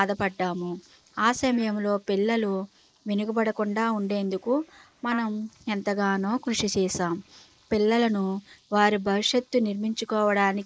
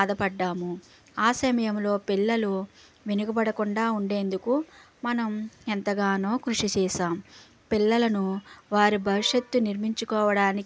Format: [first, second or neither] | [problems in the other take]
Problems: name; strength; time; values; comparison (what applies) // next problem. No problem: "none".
second | noise reduction (neural mask model Resemble Enhance denoiser)